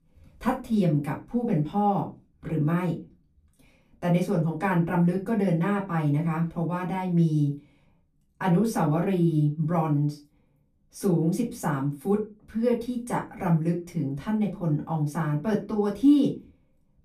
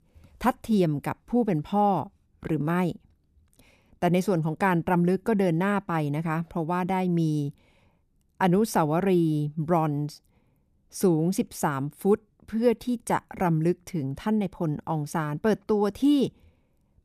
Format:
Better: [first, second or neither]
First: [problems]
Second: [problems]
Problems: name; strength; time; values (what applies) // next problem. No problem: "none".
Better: second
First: off-mic speech; far // room echo; very slight; dies away in 0.2 s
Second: none